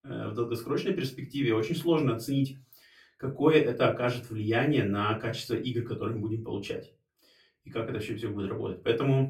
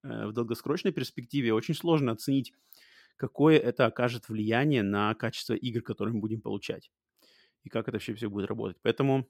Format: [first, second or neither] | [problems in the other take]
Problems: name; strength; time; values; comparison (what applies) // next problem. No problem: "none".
second | off-mic speech; far // room echo; very slight; dies away in 0.2 s